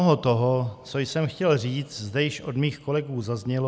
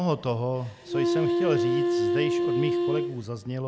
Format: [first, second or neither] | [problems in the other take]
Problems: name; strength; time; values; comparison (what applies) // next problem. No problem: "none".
first | background sound (Wind instrument, woodwind instrument); 4 dB above the speech